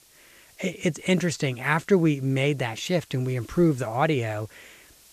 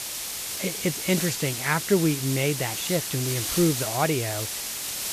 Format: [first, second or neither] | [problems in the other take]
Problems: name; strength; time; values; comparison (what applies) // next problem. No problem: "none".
first | hiss; loud; throughout; 2 dB below the speech; faint in the first